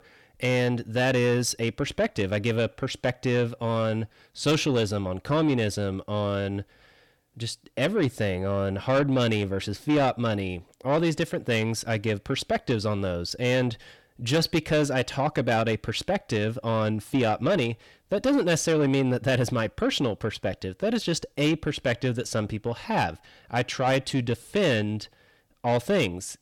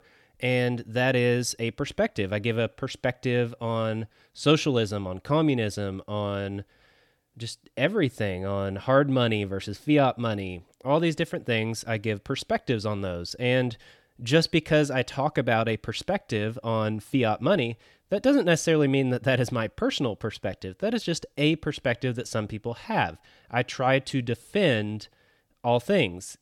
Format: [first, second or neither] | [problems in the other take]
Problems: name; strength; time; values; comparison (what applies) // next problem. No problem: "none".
second | distortion; slight; 10 dB below the speech